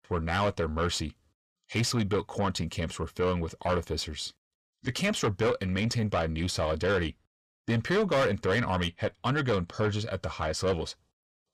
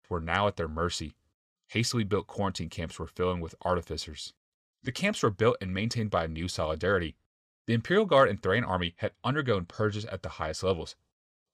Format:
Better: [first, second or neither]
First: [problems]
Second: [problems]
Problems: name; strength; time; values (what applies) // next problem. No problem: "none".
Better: second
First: distortion; heavy; 8 dB below the speech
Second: none